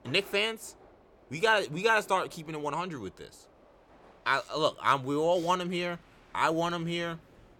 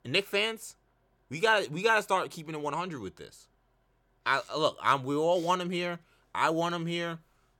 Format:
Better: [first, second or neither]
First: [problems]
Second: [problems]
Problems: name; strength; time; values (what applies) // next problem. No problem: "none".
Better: second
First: train or aircraft noise; faint; throughout; 30 dB below the speech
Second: none